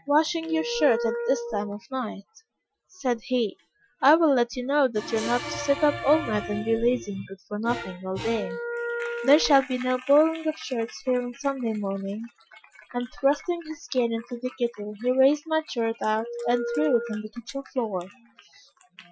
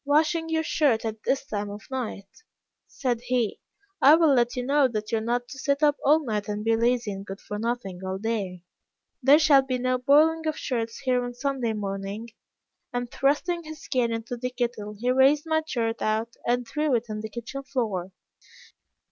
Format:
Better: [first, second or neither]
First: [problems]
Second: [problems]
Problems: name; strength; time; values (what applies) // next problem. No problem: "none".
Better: second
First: noise reduction (classical method Wiener filter)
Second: none